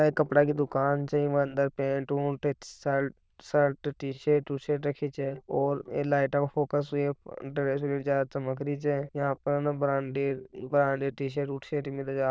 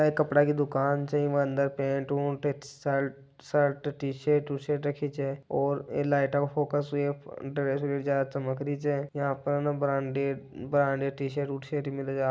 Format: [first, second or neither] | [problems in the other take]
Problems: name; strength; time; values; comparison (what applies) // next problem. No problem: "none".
second | noise reduction (neural diffusion model UNIVERSE++)